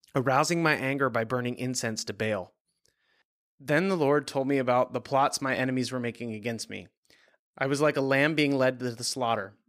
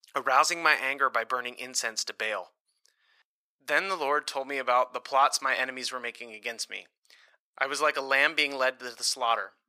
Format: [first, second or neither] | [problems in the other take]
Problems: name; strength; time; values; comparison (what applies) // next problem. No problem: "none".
first | thin; very; fading below 700 Hz